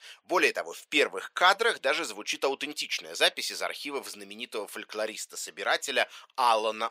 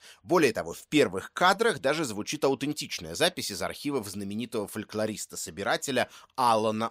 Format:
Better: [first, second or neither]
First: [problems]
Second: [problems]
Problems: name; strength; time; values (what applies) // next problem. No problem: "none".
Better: second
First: thin; somewhat; fading below 500 Hz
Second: none